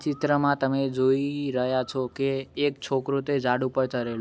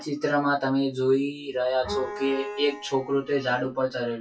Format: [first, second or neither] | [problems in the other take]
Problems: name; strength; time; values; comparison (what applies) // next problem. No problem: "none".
first | noise reduction (classical method WPE with log-MMSE)